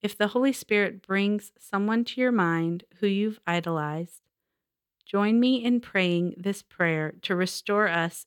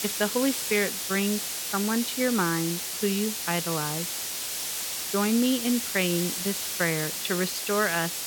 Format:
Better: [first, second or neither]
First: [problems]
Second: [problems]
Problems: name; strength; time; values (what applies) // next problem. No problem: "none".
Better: first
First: none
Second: hiss; loud; throughout; 2 dB below the speech